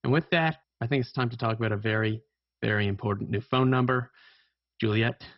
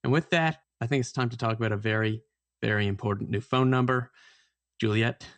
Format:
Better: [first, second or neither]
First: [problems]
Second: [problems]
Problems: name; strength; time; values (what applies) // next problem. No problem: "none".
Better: second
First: garbled, watery; badly; nothing above 5.5 kHz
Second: garbled, watery; slightly; nothing above 8 kHz